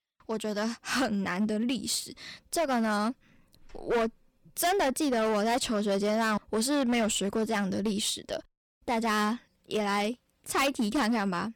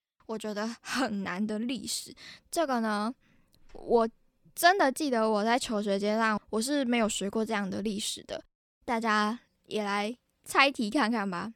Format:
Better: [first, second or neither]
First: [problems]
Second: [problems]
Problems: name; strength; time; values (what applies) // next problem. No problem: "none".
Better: second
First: distortion; heavy; 11% of the sound clipped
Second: none